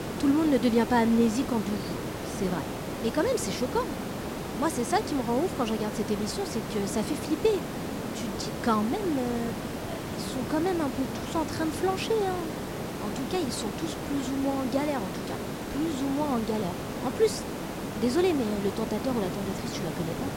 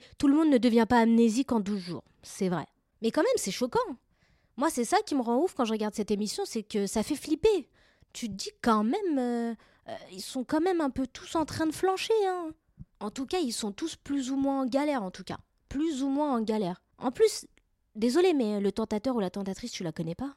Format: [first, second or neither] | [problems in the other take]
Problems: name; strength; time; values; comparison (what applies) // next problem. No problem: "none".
second | hiss; loud; throughout; 5 dB below the speech